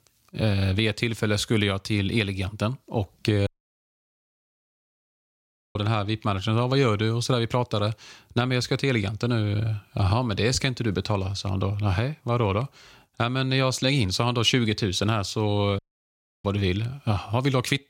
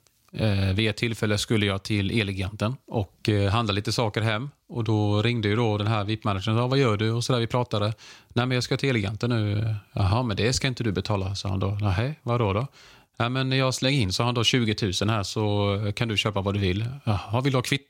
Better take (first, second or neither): second